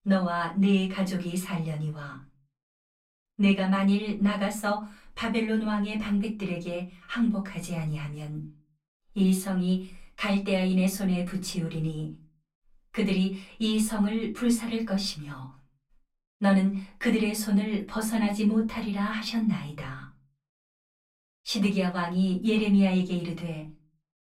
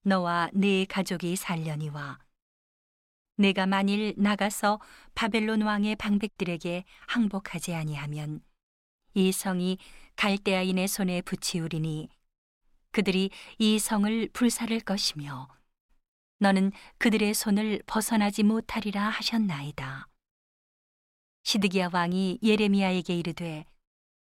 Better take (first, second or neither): second